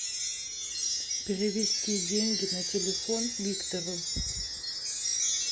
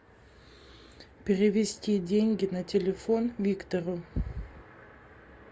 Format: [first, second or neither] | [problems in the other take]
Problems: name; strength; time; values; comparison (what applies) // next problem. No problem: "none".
second | background sound (Wind chime); 3 dB above the speech